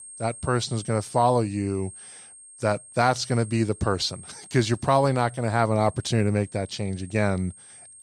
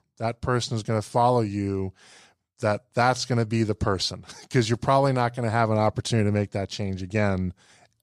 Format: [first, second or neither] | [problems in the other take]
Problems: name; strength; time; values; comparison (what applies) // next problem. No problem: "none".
second | high-pitched whine; noticeable; throughout; 8.5 kHz, 20 dB below the speech